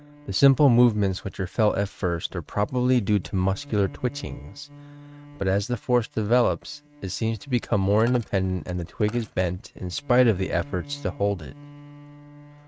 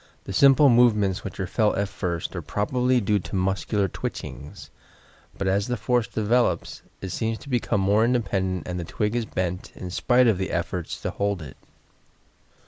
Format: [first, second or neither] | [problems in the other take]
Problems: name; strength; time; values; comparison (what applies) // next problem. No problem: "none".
second | noise reduction (neural mask model RNNoise)